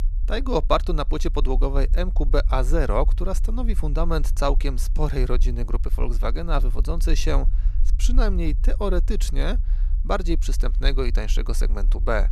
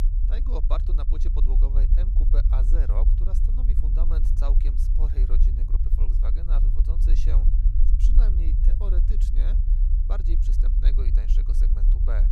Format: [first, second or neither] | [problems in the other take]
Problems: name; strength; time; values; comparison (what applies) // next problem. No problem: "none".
first | low rumble; loud; throughout; 2 dB below the speech; faint in the first